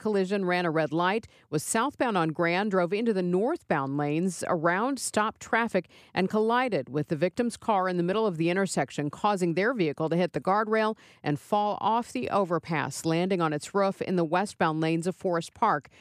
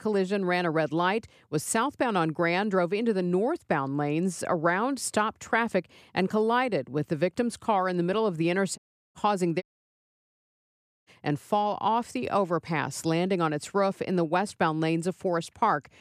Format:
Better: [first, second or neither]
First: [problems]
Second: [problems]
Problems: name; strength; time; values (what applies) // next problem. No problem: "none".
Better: first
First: none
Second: audio cutting out; at 9 s and at 9.5 s for 1.5 s